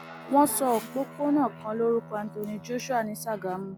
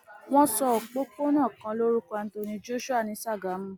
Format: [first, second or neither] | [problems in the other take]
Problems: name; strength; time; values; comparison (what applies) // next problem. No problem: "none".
second | background sound (Guitar); 17 dB below the speech